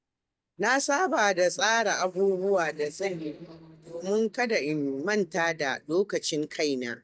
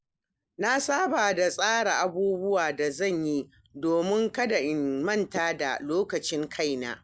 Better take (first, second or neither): second